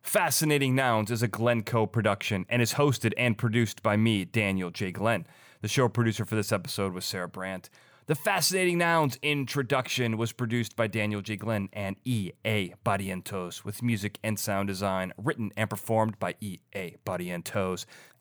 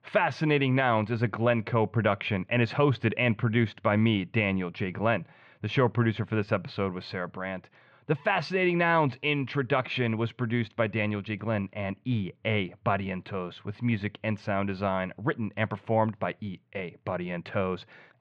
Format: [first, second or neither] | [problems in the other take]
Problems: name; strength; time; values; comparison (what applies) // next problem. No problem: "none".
first | muffled; very; fading above 3 kHz